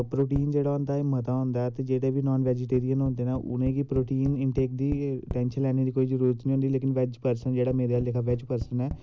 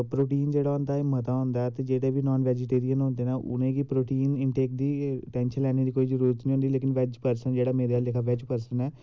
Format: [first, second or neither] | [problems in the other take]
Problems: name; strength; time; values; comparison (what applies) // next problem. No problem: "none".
second | background sound (Tap); 15 dB below the speech